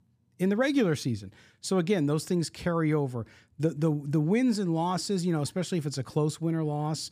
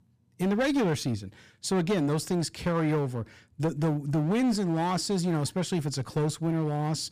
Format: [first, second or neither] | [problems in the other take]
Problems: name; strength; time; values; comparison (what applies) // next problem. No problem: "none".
first | distortion; slight; 13% of the sound clipped